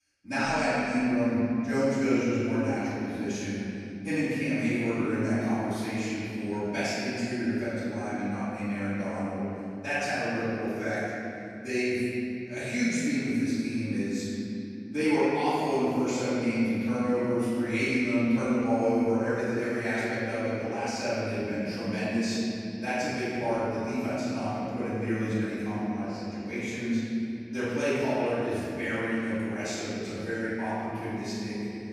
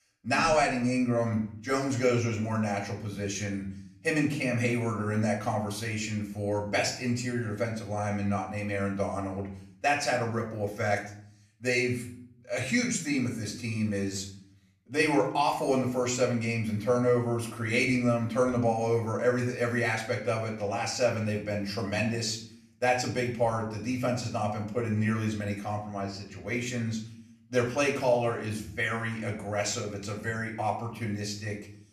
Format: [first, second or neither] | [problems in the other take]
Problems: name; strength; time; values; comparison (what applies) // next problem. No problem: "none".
second | room echo; strong; dies away in 3 s; slight in the second // off-mic speech; far; far in the second